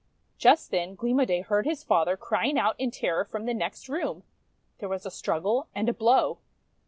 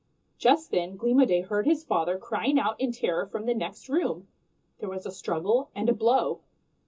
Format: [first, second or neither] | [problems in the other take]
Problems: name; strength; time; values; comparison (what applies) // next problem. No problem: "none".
first | room echo; dies away in 0.2 s